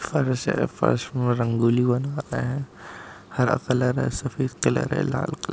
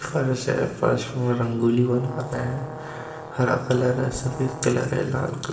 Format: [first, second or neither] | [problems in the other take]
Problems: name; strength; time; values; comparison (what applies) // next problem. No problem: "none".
first | background sound (Brass instrument); 14 dB below the speech // room echo; dies away in 2.9 s